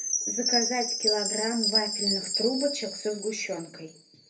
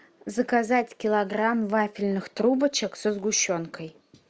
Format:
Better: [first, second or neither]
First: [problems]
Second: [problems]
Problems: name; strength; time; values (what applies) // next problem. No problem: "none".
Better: second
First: background sound (Chime); 1 dB above the speech // room echo; dies away in 0.3 s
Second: none